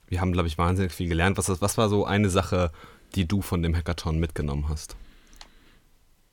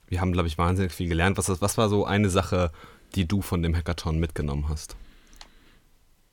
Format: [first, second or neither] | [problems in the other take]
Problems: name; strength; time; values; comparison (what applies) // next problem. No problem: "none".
neither | none